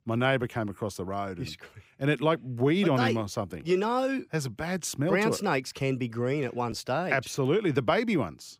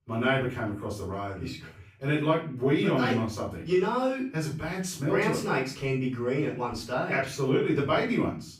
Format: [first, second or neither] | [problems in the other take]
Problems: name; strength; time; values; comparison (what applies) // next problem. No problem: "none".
first | off-mic speech; far // room echo; slight; dies away in 0.4 s